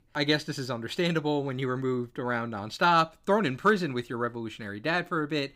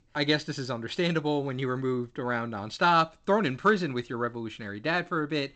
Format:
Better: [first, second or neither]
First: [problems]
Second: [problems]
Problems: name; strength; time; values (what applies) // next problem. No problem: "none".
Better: first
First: none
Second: garbled, watery; slightly; nothing above 7.5 kHz